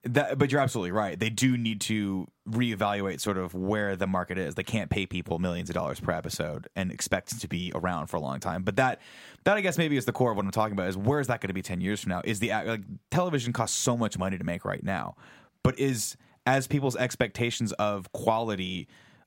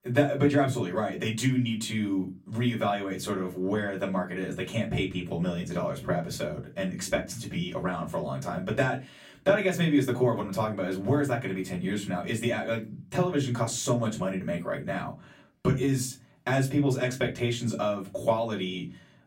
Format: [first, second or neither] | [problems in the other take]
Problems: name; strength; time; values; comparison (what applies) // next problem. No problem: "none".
first | off-mic speech; far // room echo; very slight; dies away in 0.2 s